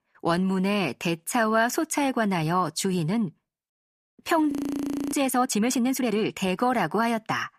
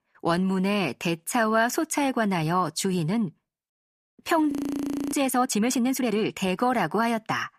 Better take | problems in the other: neither | audio freezing; at 4.5 s for 0.5 s; the same in both

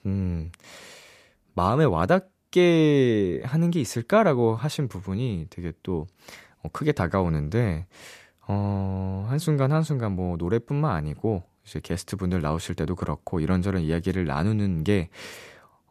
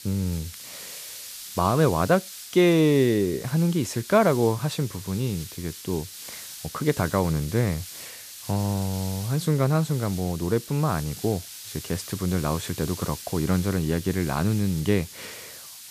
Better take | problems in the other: first | hiss; noticeable; throughout; 15 dB below the speech

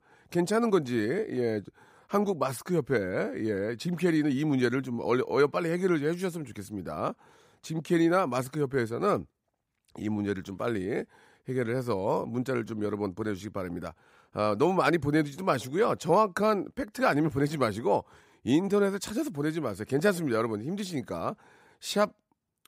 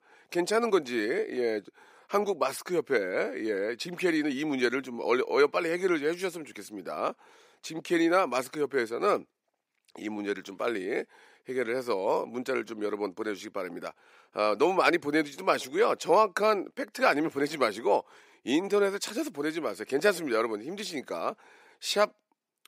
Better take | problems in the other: first | thin; somewhat; fading below 400 Hz

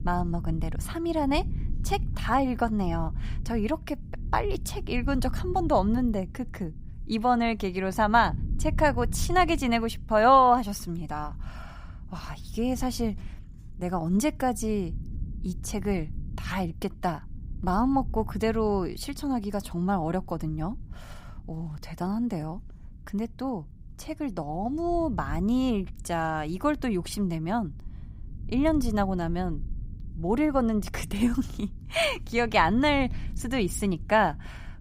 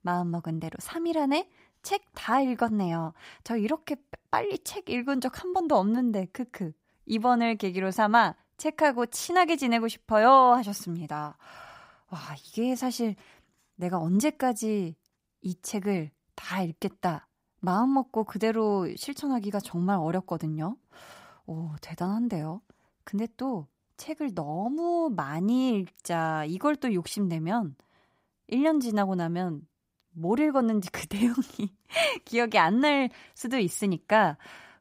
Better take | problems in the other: second | low rumble; faint; throughout; 25 dB below the speech

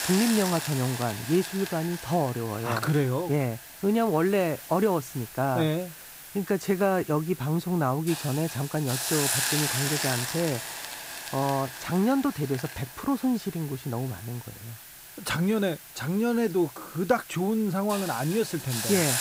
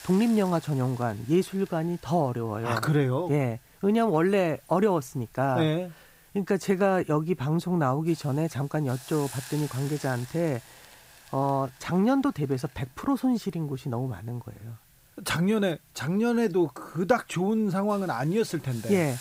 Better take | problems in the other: second | hiss; loud; throughout; 6 dB below the speech; faint in the second

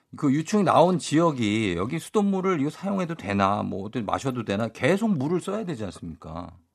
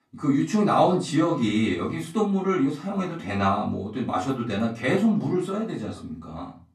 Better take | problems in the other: first | room echo; slight; dies away in 0.3 s // off-mic speech; far

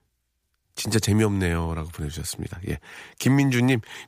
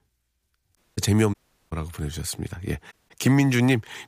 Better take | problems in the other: first | audio cutting out; at 1 s, at 1.5 s and at 3 s

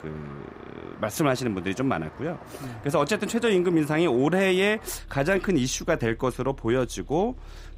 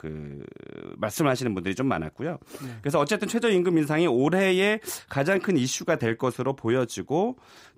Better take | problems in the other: second | traffic noise; faint; throughout; 20 dB below the speech

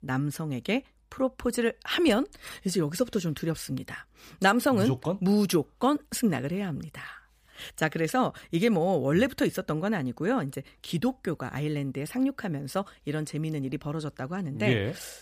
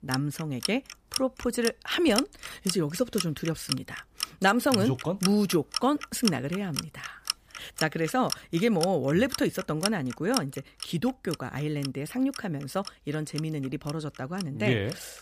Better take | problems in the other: first | household noises; loud; throughout; 7 dB below the speech

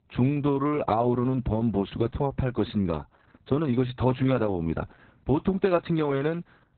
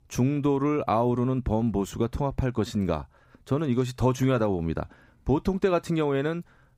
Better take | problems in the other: second | garbled, watery; badly; nothing above 4 kHz

